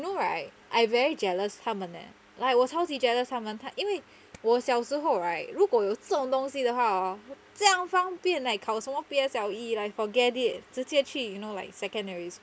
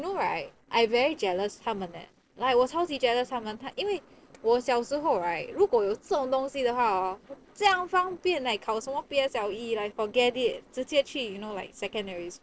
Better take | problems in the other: first | noise reduction (neural separator model SepFormer DNS4)

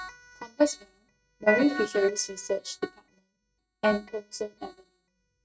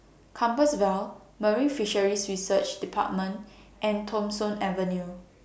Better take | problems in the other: second | noise reduction (neural mask model RNNoise)

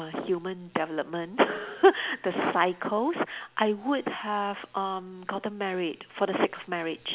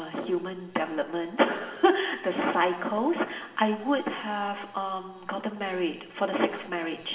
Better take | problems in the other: first | room echo; dies away in 2.4 s

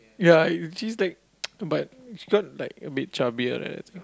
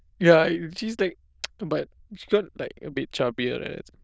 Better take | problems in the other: first | noise reduction (neural diffusion model UNIVERSE++)

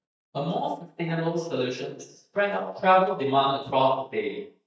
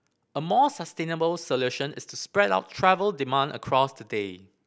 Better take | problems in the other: second | noise reduction (neural mask model DeepFilterNet 3)

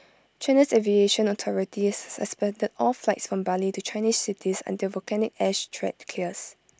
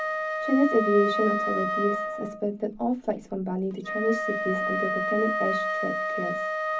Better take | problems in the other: first | background sound (Wind instrument, woodwind instrument); 1 dB below the speech // room echo; dies away in 0.4 s

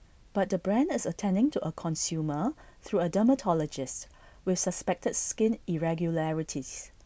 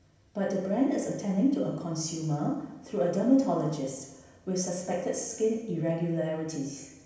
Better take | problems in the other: first | room echo; dies away in 0.9 s

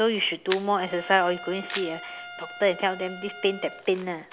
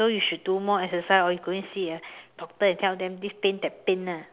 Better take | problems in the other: second | background sound (Camera + Trumpet); 13 dB below the speech

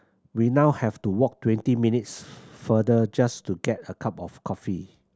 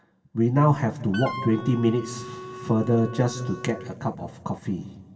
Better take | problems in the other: first | background sound (Wind instrument, woodwind instrument); 13 dB below the speech // room echo; dies away in 1.8 s

